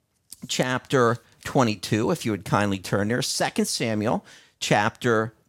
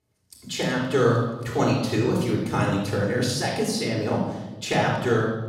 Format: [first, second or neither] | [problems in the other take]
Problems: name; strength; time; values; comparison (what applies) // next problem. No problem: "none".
first | off-mic speech; far // room echo; noticeable; dies away in 1.1 s